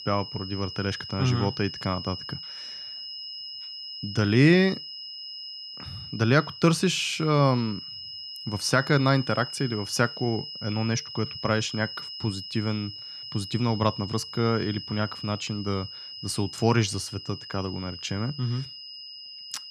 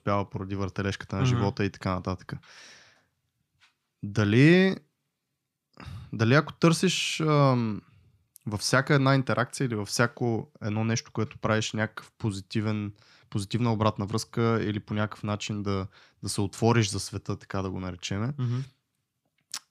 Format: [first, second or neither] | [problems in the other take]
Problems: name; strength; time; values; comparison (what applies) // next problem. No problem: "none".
second | high-pitched whine; noticeable; throughout; 5 kHz, 10 dB below the speech